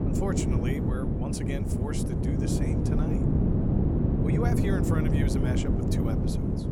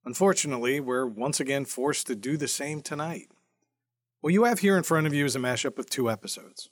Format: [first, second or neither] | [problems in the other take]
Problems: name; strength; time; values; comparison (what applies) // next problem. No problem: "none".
second | wind noise on the microphone; heavy; 4 dB above the speech